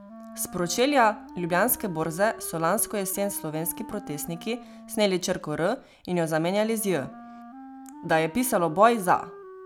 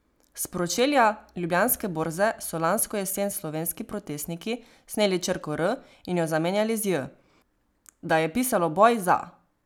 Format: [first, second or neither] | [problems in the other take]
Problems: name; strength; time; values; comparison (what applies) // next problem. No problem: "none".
second | background sound (Wind instrument, woodwind instrument); 17 dB below the speech